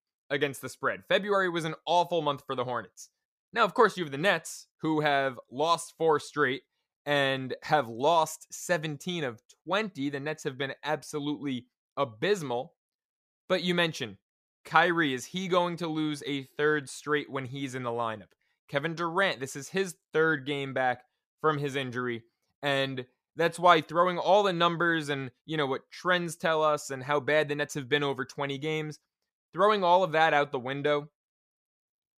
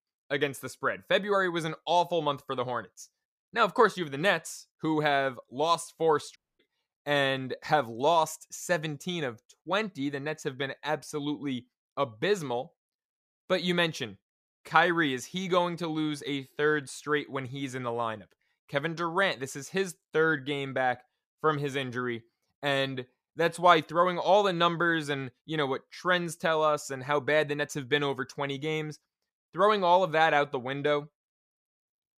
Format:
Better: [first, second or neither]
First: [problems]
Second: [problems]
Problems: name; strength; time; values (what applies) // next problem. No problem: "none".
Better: first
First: none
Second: audio cutting out; at 6.5 s